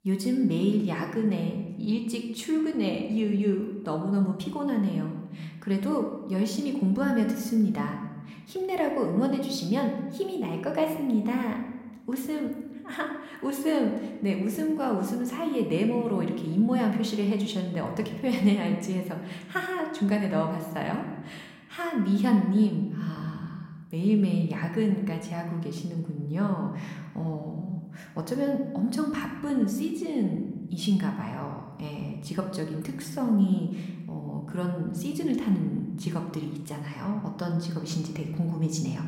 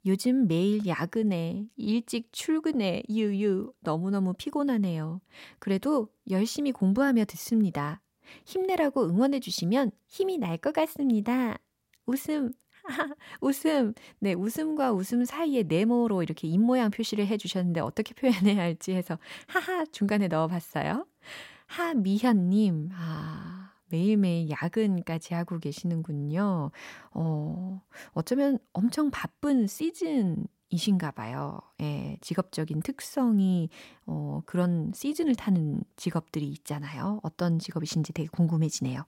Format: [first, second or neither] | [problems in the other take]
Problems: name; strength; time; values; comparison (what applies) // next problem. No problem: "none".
second | room echo; slight; dies away in 1 s